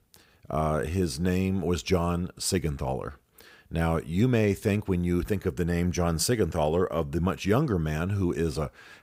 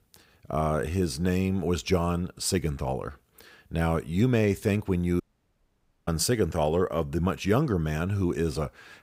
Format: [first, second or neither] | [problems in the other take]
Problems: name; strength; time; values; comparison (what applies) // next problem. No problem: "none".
first | audio cutting out; at 5 s for 1 s